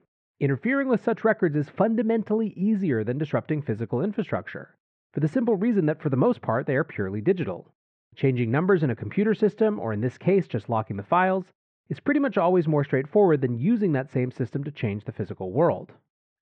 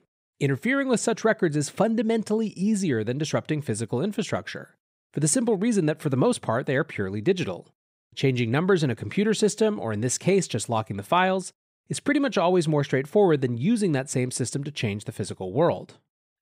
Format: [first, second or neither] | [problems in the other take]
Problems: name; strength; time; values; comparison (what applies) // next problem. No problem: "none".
second | muffled; very; fading above 2 kHz